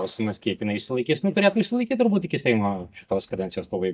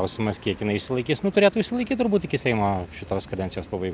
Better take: second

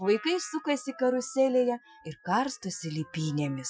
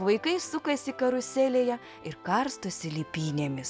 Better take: second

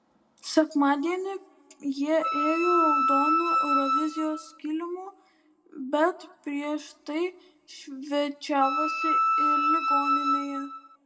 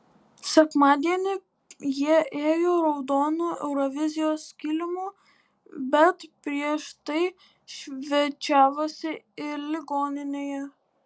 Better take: second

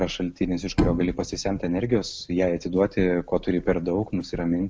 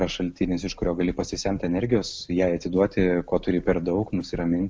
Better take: second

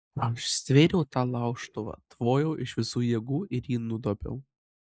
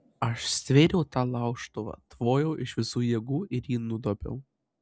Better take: second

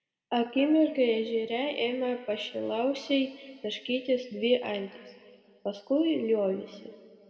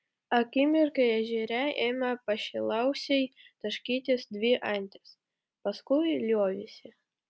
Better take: second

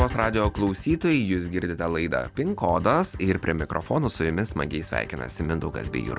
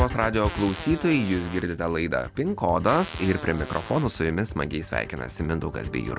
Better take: first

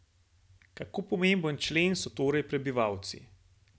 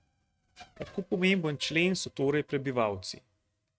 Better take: first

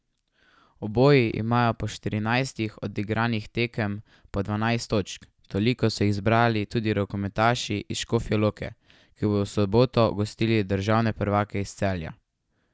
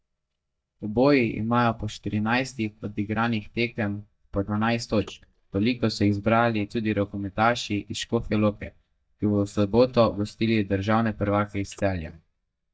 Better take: first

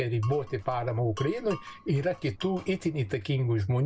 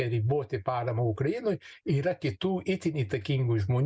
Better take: second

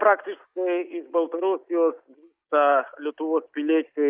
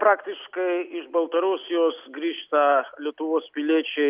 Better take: second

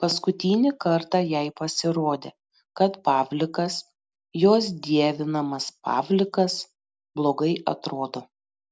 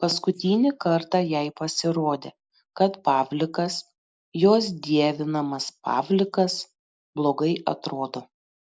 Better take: first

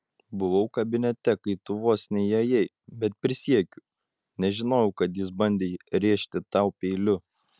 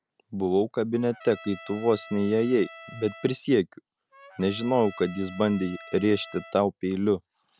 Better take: first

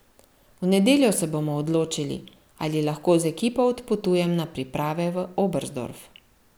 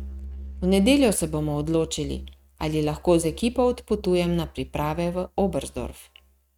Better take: first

